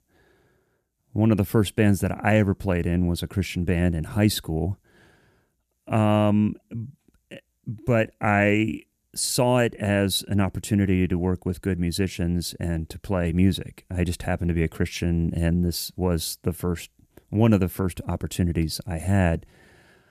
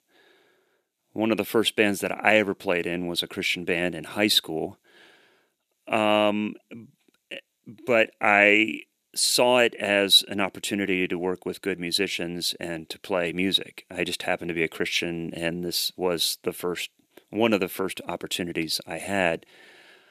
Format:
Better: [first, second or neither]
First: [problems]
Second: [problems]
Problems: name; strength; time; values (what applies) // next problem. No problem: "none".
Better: first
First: none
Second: thin; somewhat; fading below 400 Hz